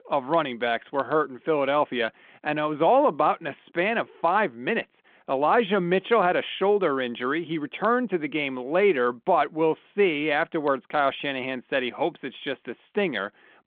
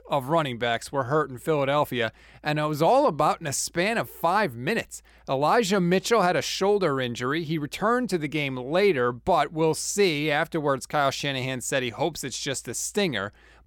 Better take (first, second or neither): second